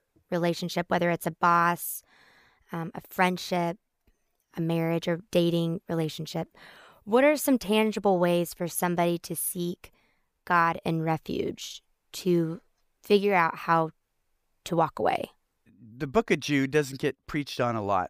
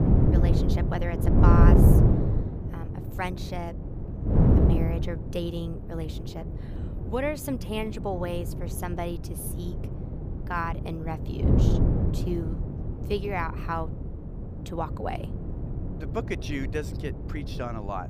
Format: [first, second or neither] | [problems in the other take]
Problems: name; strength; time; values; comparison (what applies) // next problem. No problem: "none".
first | wind noise on the microphone; heavy; 2 dB below the speech